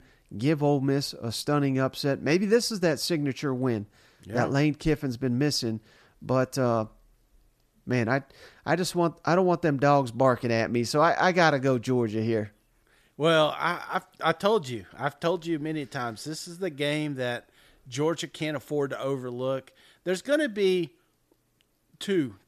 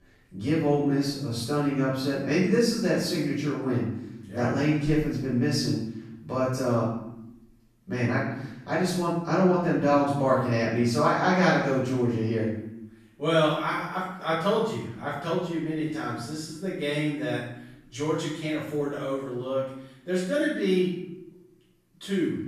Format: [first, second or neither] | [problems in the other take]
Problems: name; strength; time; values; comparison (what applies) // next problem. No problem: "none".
first | off-mic speech; far // room echo; noticeable; dies away in 0.7 s